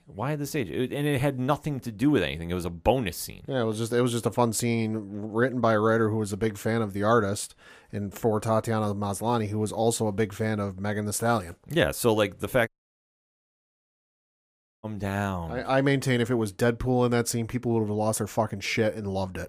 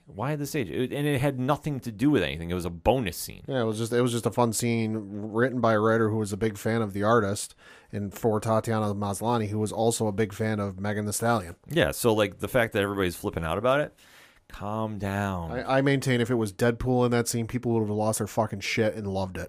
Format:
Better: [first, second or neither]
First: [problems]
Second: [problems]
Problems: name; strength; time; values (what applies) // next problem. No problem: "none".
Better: second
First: audio cutting out; at 13 s for 2 s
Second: none